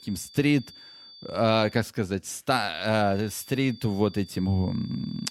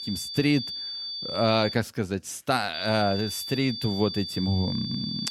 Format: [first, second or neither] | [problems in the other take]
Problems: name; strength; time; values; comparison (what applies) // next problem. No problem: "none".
first | high-pitched whine; loud; until 1.5 s and from 2.5 s on; 4.5 kHz, 6 dB below the speech; faint in the first